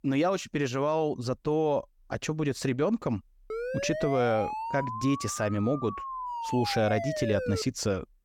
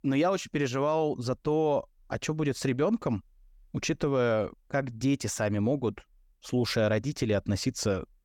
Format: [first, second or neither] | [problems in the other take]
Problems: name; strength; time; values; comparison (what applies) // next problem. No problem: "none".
second | siren; noticeable; from 3.5 to 7.5 s; peak 4 dB below the speech